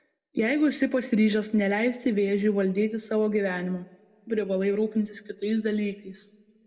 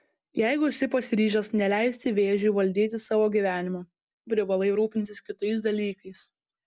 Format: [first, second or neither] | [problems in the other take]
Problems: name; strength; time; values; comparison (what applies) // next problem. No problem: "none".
second | room echo; dies away in 0.9 s